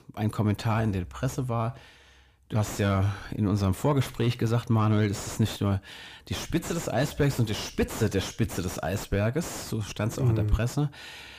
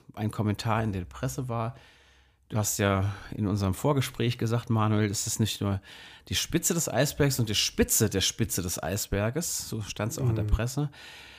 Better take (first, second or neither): second